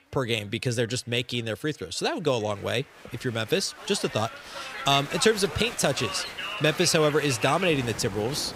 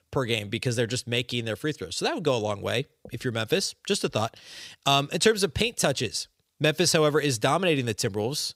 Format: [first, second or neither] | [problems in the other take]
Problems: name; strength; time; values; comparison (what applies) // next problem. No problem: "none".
second | crowd noise; loud; throughout; 9 dB below the speech